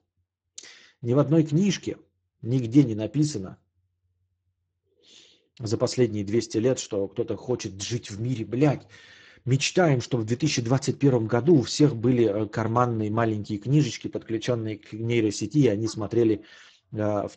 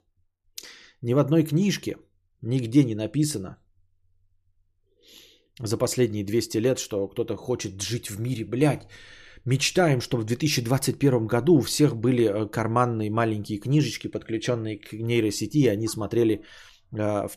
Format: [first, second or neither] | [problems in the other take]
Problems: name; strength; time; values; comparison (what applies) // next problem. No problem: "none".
second | garbled, watery; badly; nothing above 7.5 kHz